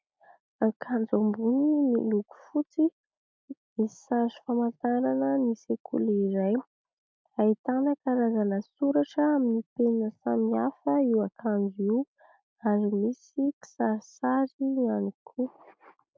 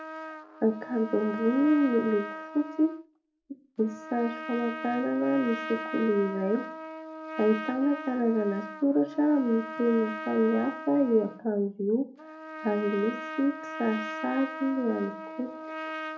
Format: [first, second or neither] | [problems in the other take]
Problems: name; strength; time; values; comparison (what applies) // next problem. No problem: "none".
first | background sound (Trumpet); 10 dB below the speech // room echo; dies away in 0.3 s